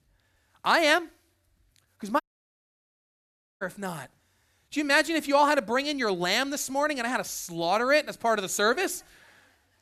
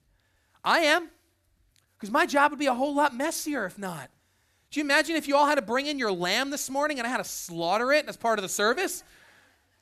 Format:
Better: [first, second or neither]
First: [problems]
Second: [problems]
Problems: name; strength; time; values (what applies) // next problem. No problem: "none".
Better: second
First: audio cutting out; at 2 s for 1.5 s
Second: none